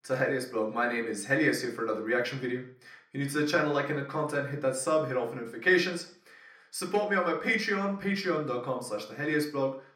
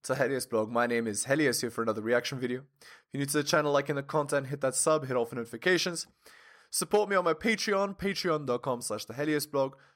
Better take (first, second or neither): second